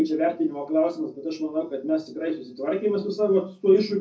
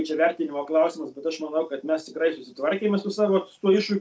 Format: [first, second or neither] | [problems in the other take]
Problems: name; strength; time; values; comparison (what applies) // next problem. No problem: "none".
second | room echo; dies away in 0.4 s